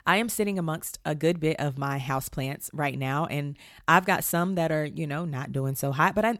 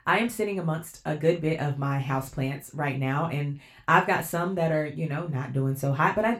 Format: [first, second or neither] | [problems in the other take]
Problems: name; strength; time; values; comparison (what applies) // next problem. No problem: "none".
first | room echo; very slight; dies away in 0.2 s // off-mic speech; somewhat distant